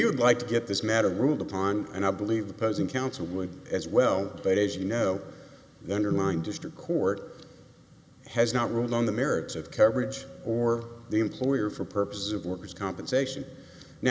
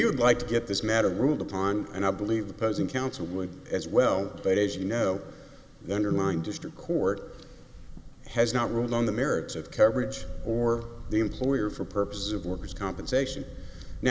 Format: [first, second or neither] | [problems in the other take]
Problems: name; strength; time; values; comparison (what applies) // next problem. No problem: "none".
first | background sound (Wind / Bird); 15 dB below the speech